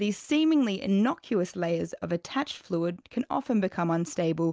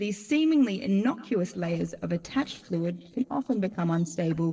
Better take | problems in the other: first | noise reduction (neural separator model SepFormer DNS4)

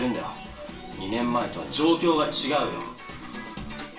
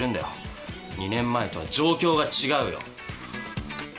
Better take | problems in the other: second | background sound (Burping, eructation); 13 dB below the speech // room echo; dies away in 0.3 s

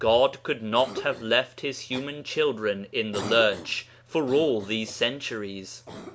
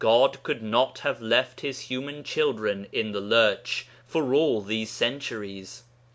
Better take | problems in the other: second | background sound (Cough); 16 dB below the speech

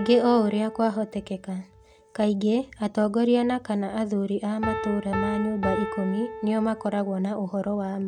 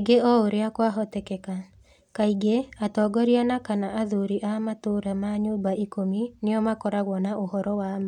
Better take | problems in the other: second | background sound (Piano); 11 dB below the speech

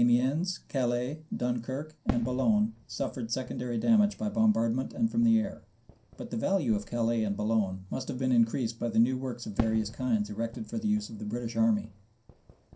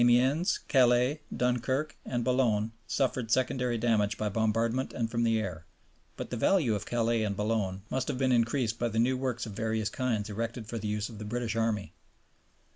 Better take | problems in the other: second | background sound (Fireworks); 16 dB below the speech // room echo; dies away in 0.3 s

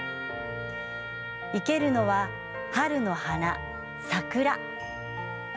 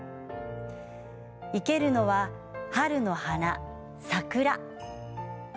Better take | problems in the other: second | background sound (Trumpet); 8 dB below the speech

